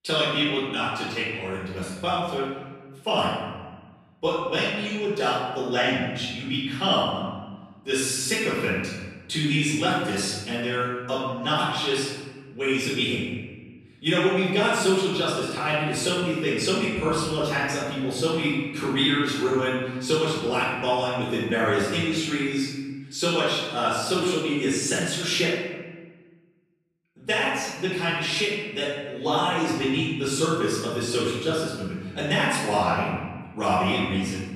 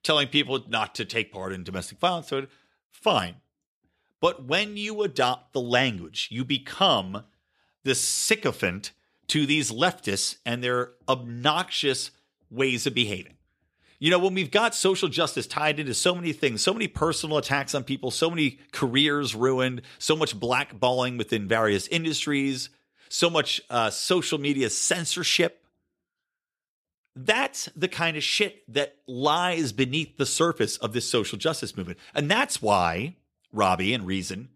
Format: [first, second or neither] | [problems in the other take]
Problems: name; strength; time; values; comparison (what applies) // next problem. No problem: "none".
second | off-mic speech; far // room echo; strong; dies away in 1.2 s